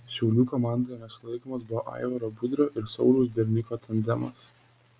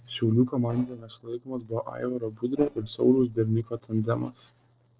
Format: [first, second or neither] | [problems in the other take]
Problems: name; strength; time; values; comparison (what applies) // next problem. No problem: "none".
first | noise reduction (neural separator model SepFormer DNS4)